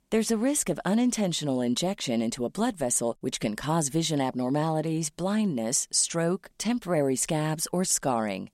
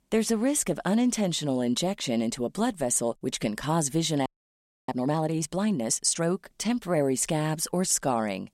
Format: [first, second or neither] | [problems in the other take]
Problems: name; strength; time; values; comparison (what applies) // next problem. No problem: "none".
first | audio freezing; at 4.5 s for 0.5 s